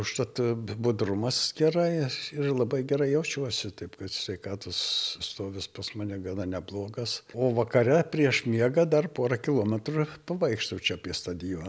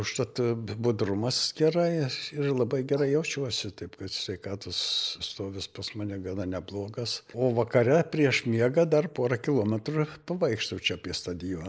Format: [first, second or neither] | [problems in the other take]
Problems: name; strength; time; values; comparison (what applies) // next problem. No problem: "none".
first | noise reduction (neural mask model Resemble Enhance denoiser)